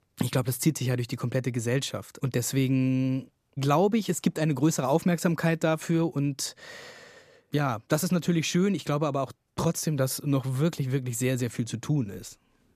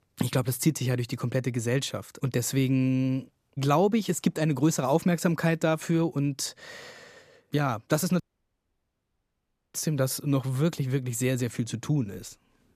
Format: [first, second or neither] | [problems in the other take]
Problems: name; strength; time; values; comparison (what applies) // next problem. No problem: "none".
first | audio cutting out; at 8 s for 1.5 s